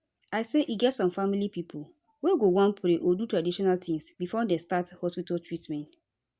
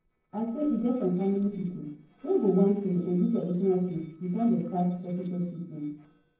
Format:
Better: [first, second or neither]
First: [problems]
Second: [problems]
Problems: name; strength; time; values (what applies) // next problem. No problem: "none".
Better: first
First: none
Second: noise reduction (neural separator model SepFormer DNS4)